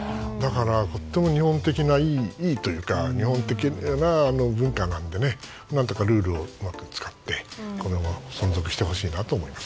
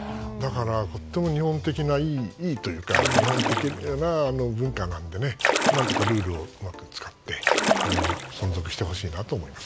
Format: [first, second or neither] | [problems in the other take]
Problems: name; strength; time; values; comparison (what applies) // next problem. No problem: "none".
first | background sound (Splash, splatter); 2 dB above the speech